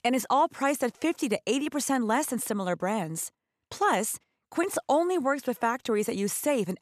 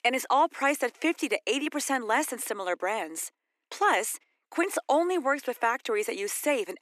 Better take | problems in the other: first | thin; very slightly; fading below 300 Hz

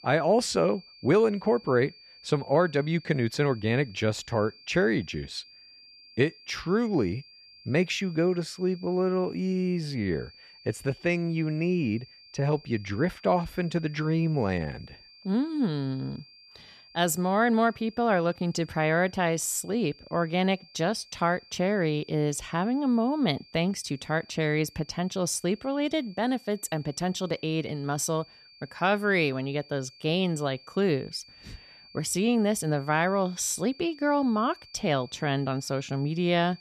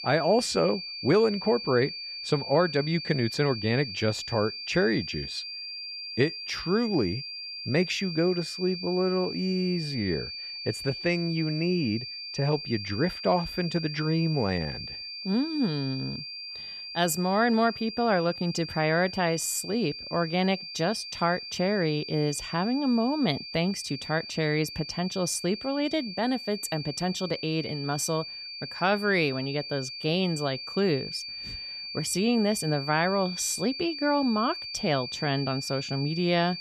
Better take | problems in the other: first | high-pitched whine; loud; throughout; 4.5 kHz, 8 dB below the speech; faint in the first

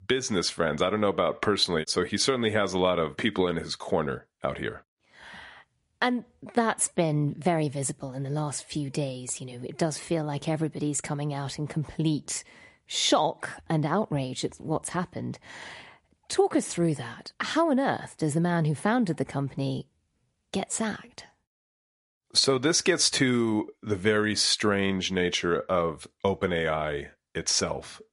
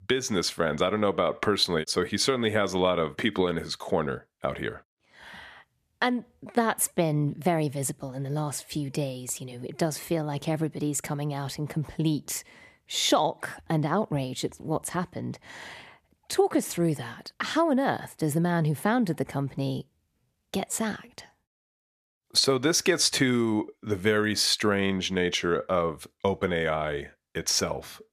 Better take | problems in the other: second | garbled, watery; slightly; nothing above 11 kHz

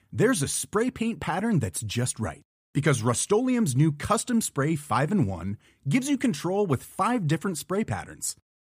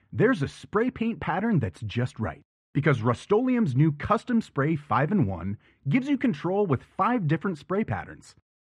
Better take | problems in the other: first | muffled; very; fading above 2 kHz

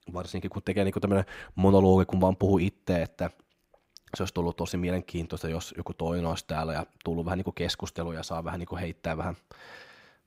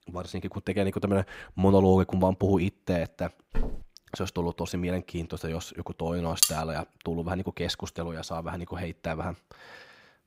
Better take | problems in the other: first | footsteps; noticeable; at 3.5 s; peak 8 dB below the speech // clattering dishes; loud; at 6.5 s; peak 5 dB above the speech

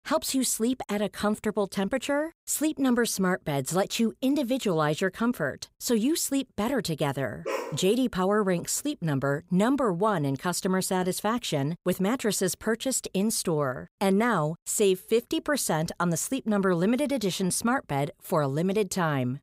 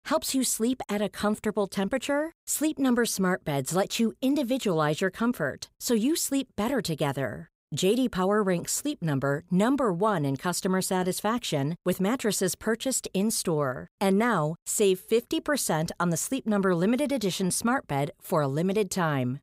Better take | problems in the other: second | dog barking; noticeable; at 7.5 s; peak 6 dB below the speech

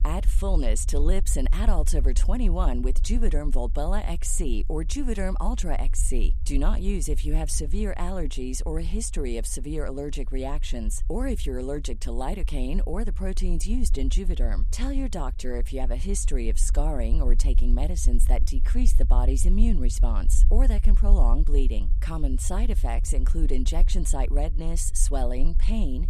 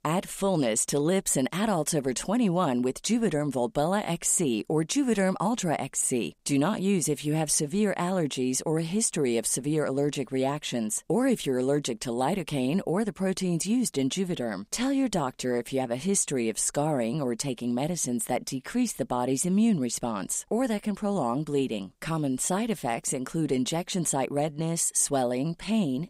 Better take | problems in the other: second | low rumble; noticeable; throughout; 15 dB below the speech

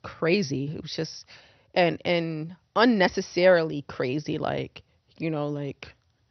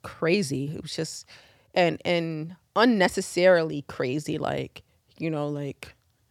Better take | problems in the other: second | garbled, watery; slightly; nothing above 6 kHz

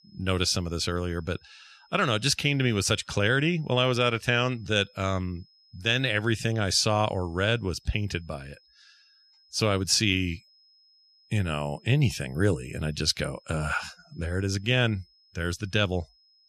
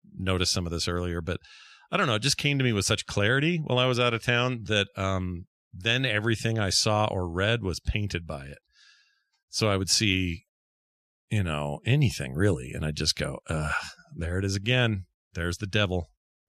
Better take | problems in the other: second | high-pitched whine; faint; throughout; 5 kHz, 30 dB below the speech

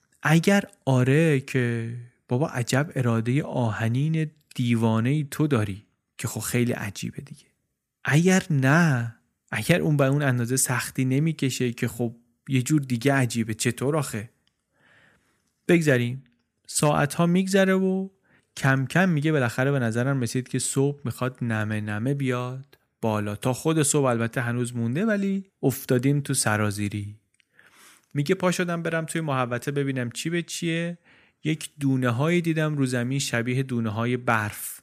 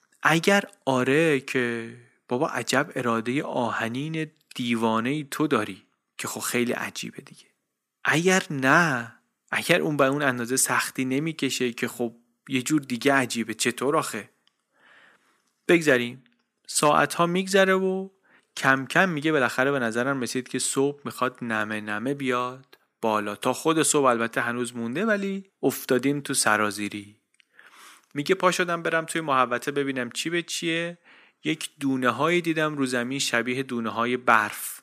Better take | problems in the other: first | thin; somewhat; fading below 300 Hz

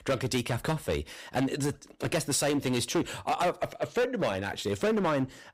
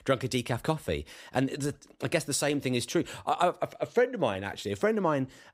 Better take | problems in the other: second | distortion; heavy; 11% of the sound clipped

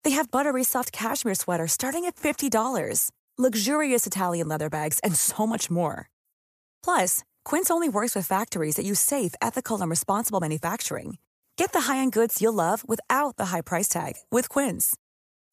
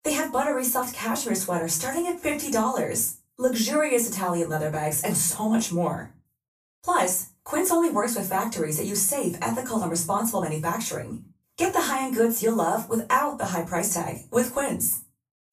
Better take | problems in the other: first | off-mic speech; far // room echo; very slight; dies away in 0.2 s

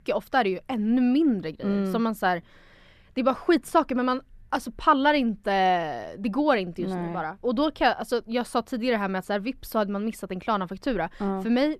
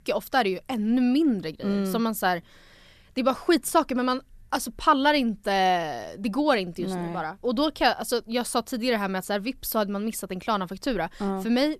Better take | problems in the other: second | muffled; very slightly; fading above 4 kHz

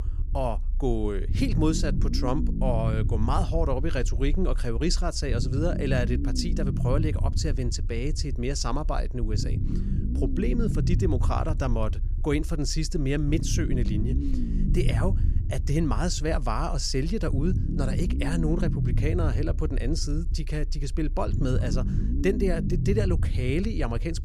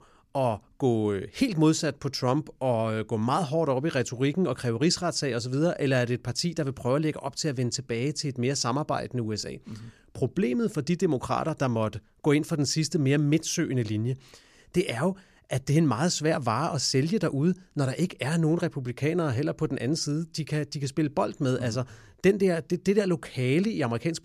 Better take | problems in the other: second | low rumble; loud; throughout; 9 dB below the speech

